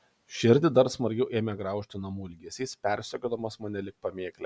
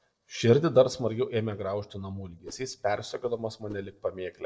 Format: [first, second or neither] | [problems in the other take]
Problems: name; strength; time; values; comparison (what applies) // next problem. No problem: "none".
first | noise reduction (neural separator model SepFormer DNS4)